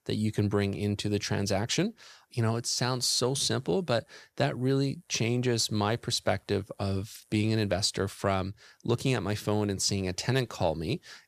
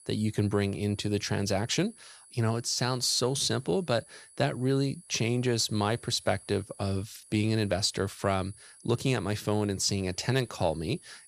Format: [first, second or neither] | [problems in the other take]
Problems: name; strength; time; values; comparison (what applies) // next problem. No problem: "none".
first | high-pitched whine; faint; throughout; 10.5 kHz, 25 dB below the speech